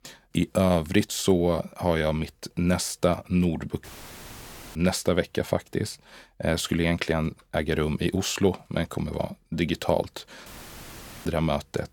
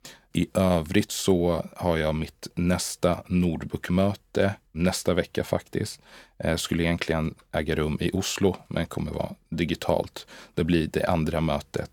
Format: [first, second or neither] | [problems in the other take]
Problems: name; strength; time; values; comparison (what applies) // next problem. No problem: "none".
second | audio cutting out; filled with static; at 4 s for 1 s and at 10 s for 1 s